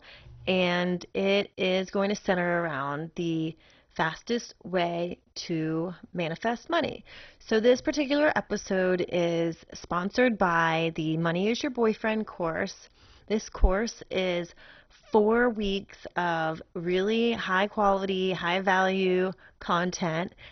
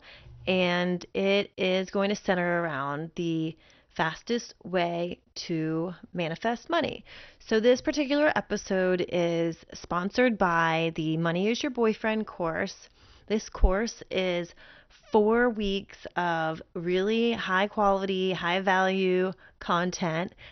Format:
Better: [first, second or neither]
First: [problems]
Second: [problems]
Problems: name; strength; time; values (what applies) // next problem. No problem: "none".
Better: second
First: garbled, watery; badly; nothing above 6 kHz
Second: garbled, watery; slightly; nothing above 6 kHz